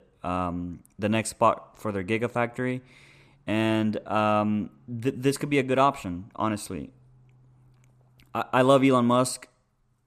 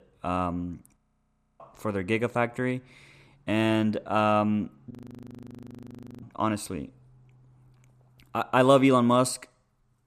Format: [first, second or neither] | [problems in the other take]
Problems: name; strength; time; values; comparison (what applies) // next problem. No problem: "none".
first | audio freezing; at 1 s for 0.5 s and at 5 s for 1.5 s